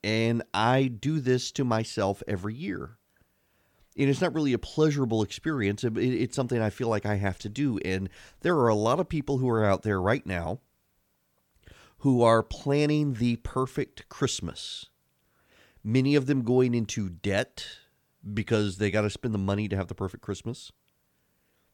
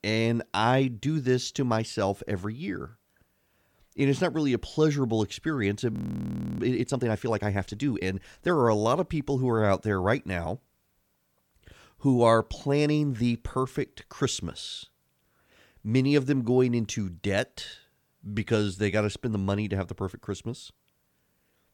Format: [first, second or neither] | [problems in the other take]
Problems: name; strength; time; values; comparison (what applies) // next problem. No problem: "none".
first | audio freezing; at 6 s for 0.5 s